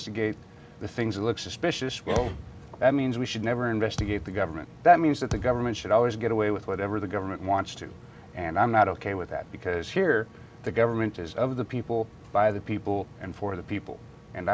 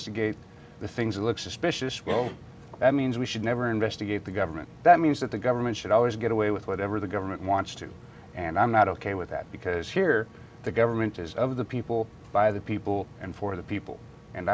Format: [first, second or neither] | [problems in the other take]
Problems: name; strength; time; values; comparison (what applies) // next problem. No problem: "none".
second | background sound (Thump, thud); 11 dB below the speech